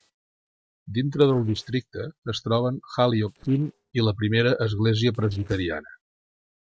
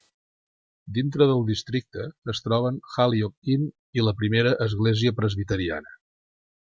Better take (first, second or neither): second